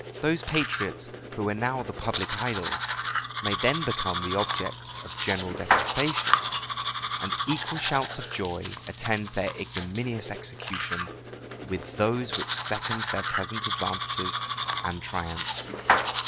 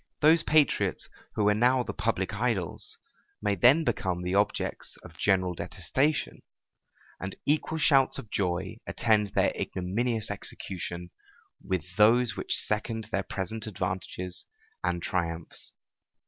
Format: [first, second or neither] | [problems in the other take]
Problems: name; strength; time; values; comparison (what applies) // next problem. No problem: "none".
second | background sound (Domestic sounds, home sounds); 1 dB above the speech